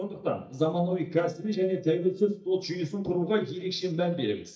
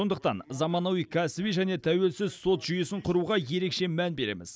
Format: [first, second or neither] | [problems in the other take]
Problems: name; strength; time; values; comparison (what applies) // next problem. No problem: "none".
second | noise reduction (neural mask model DeepFilterNet 3)